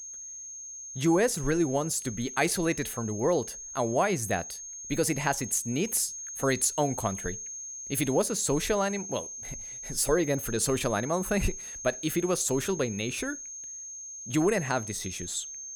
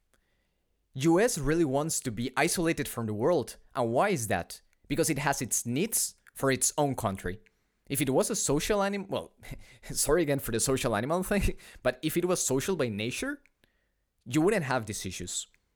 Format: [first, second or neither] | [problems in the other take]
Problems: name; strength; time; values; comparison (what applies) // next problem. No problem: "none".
second | high-pitched whine; loud; throughout; 6.5 kHz, 9 dB below the speech